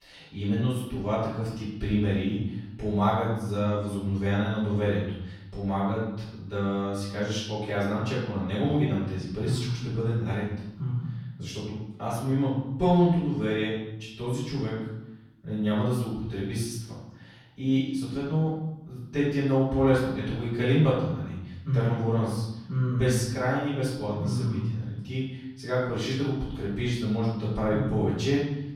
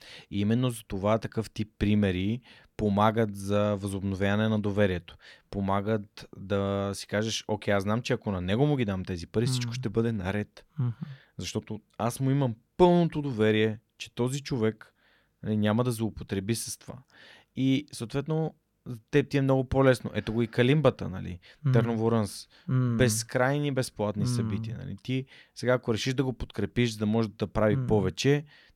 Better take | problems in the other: second | room echo; noticeable; dies away in 0.9 s // off-mic speech; far

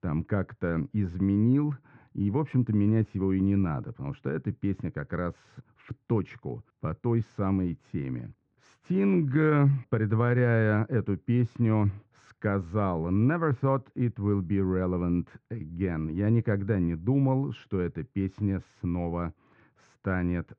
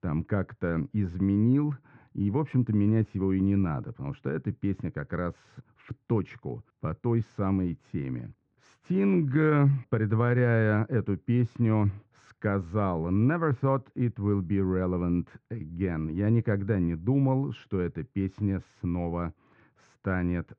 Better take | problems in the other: neither | muffled; very; fading above 2 kHz; the same in both

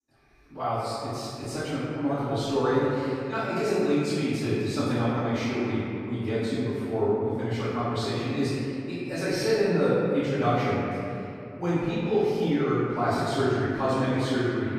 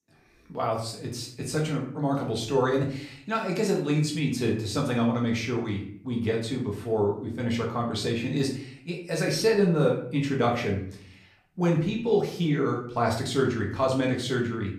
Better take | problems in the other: second | room echo; strong; dies away in 2.8 s; slight in the second // off-mic speech; far; far in the second

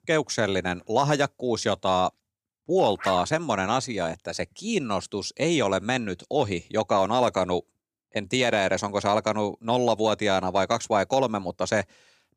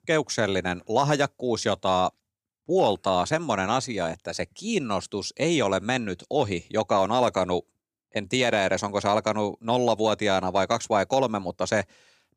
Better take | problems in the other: second | dog barking; noticeable; at 3 s; peak 8 dB below the speech

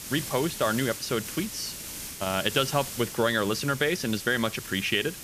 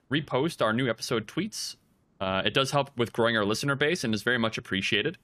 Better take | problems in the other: second | hiss; loud; throughout; 9 dB below the speech

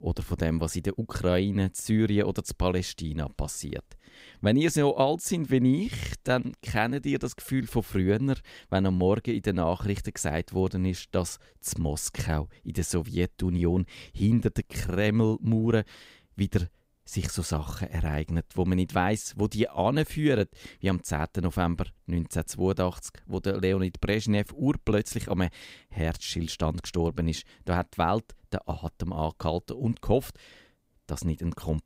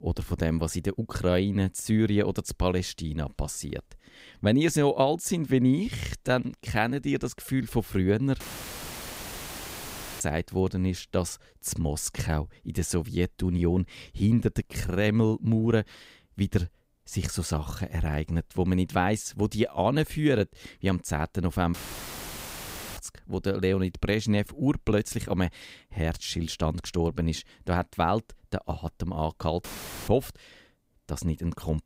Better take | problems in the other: first | audio cutting out; filled with static; at 8.5 s for 2 s, at 22 s for 1 s and at 30 s

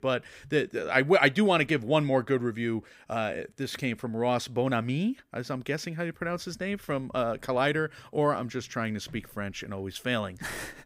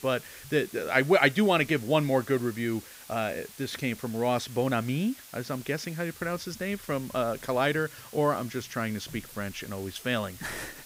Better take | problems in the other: first | hiss; noticeable; throughout; 15 dB below the speech

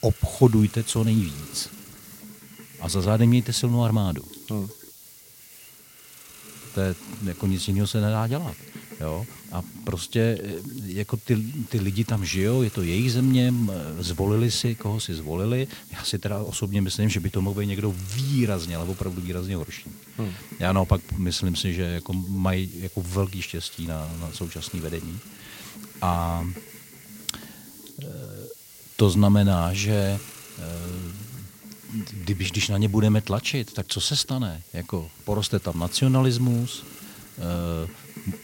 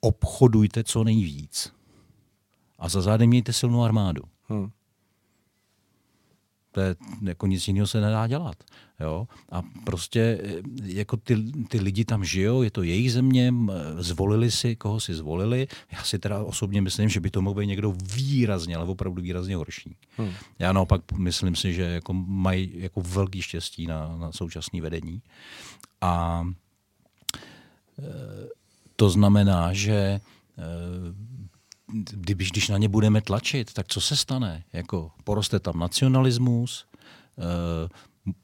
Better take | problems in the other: second | hiss; noticeable; throughout; 15 dB below the speech

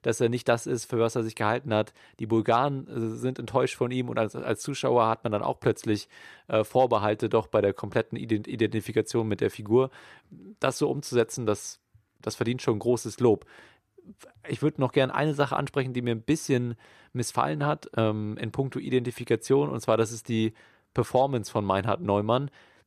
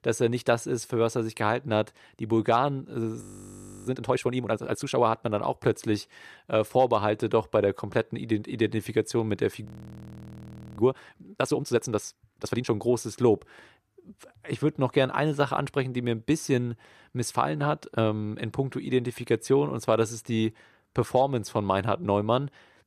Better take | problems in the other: first | audio freezing; at 3 s for 0.5 s and at 9.5 s for 1 s

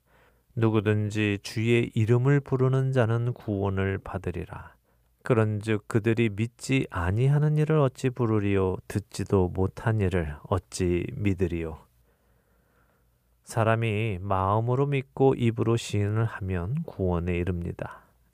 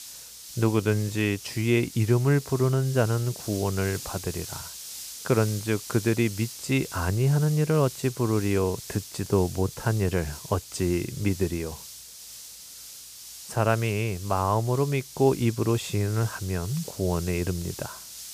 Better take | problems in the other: first | hiss; noticeable; throughout; 15 dB below the speech

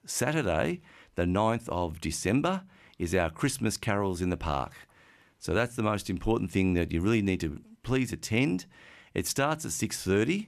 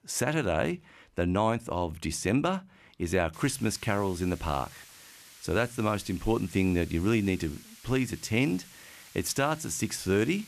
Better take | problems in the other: first | hiss; faint; from 3.5 s on; 20 dB below the speech

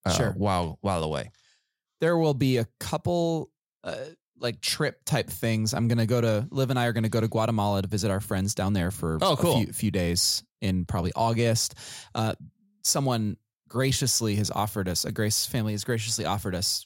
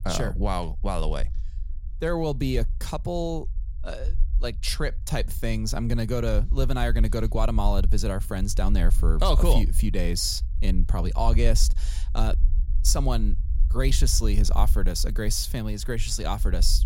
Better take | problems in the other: first | low rumble; faint; throughout; 20 dB below the speech

